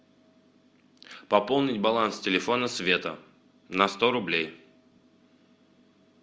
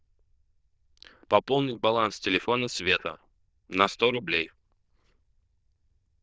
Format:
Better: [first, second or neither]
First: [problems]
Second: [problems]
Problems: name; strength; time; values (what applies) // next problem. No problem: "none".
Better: first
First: none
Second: noise reduction (neural diffusion model UNIVERSE++)